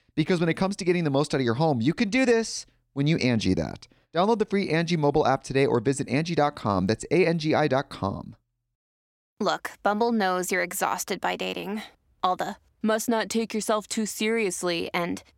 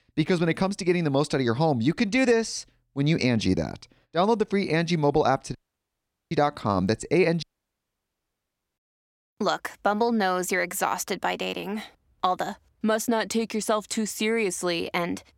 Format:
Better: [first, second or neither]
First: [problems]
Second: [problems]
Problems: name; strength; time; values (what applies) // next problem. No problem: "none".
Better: first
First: none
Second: audio cutting out; at 5.5 s for 1 s and at 7.5 s for 1.5 s